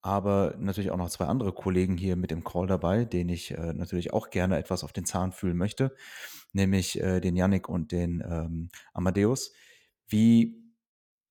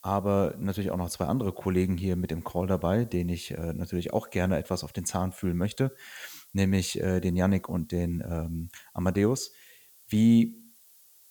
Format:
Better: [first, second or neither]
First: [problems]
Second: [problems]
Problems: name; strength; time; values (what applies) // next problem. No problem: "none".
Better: first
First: none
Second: hiss; faint; throughout; 25 dB below the speech